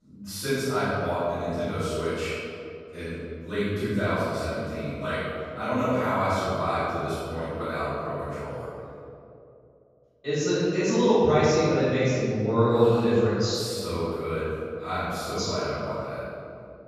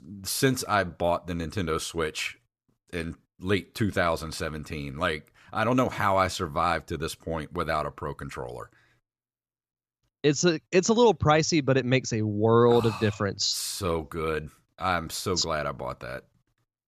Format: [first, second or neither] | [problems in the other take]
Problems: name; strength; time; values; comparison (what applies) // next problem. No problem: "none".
second | off-mic speech; far // room echo; strong; dies away in 2.5 s